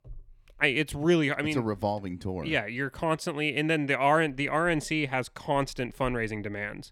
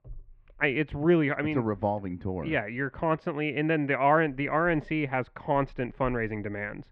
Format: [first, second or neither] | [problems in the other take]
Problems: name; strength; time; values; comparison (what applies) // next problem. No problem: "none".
first | muffled; very; fading above 2 kHz